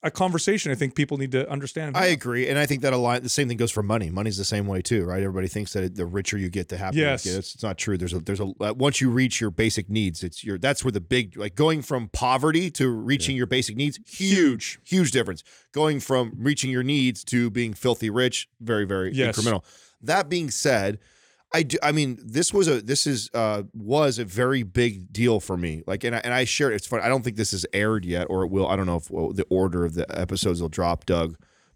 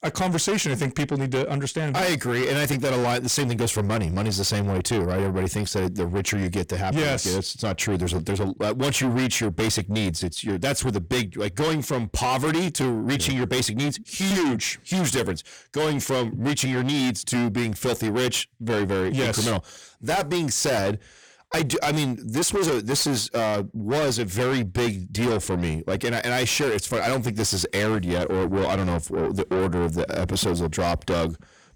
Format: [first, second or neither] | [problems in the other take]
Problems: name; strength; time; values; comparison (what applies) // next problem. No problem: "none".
first | distortion; heavy; 6 dB below the speech